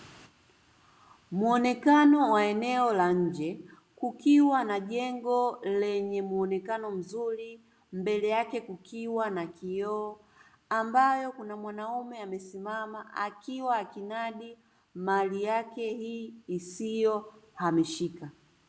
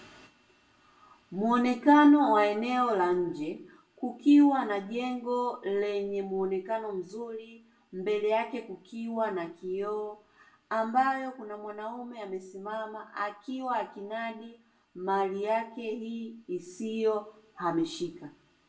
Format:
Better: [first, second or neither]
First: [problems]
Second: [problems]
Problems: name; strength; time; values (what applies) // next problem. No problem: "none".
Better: first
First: none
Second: room echo; dies away in 0.2 s